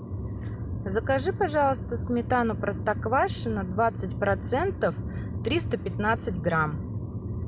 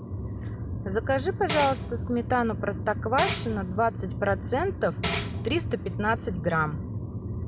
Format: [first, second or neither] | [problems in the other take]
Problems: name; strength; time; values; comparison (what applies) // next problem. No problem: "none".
first | background sound (Tambourine); 10 dB below the speech